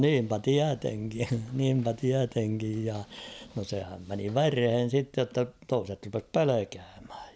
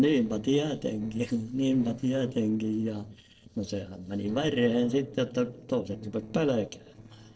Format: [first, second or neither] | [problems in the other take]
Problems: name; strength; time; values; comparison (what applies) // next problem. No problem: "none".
first | noise reduction (neural separator model SepFormer DNS4)